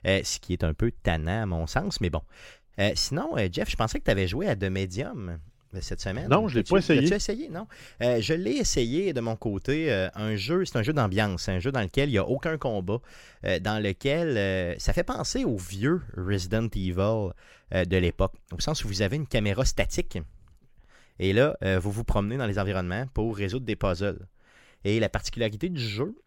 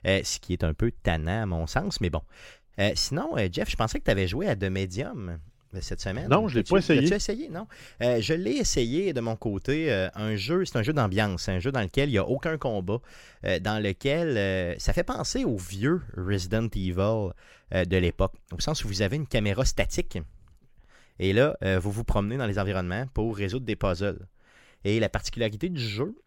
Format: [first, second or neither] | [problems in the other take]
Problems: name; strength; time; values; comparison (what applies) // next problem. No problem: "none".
neither | none